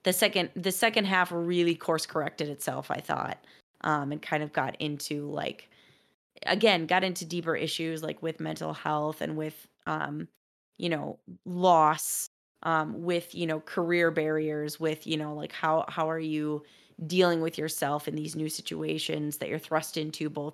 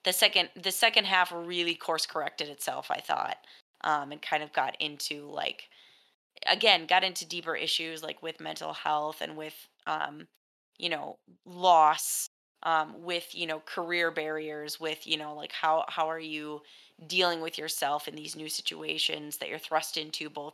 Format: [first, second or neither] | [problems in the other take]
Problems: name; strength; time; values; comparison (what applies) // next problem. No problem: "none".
first | thin; somewhat; fading below 800 Hz